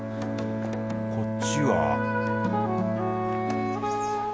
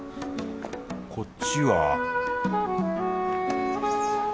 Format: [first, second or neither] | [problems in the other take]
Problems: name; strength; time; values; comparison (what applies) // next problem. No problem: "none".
second | background sound (Bowed string instrument); 1 dB below the speech